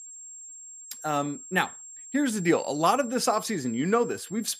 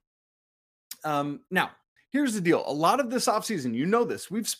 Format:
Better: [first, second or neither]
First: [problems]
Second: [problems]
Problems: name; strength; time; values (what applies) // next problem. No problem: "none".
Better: second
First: high-pitched whine; noticeable; throughout; 7.5 kHz, 15 dB below the speech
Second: none